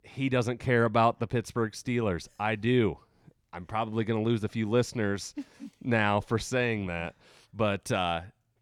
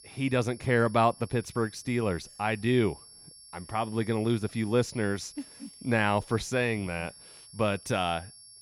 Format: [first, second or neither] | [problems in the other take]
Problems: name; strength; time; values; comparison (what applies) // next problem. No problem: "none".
first | high-pitched whine; noticeable; throughout; 11 kHz, 20 dB below the speech